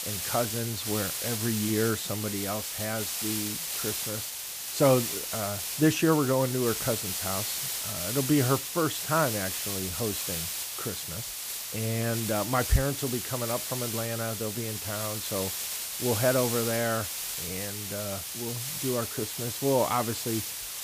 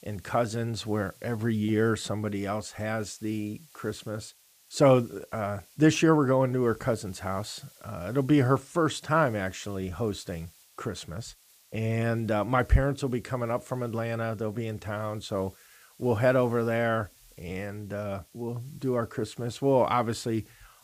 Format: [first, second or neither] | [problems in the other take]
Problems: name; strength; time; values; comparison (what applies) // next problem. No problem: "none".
second | hiss; loud; throughout; 1 dB below the speech; faint in the second